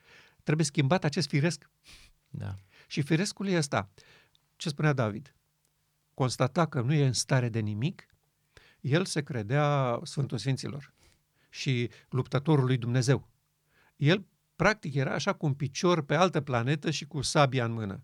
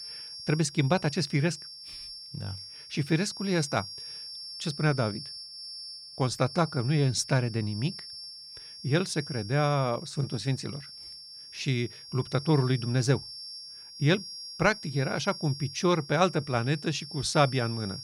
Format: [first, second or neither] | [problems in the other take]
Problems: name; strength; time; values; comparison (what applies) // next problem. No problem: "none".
first | high-pitched whine; noticeable; throughout; 5.5 kHz, 10 dB below the speech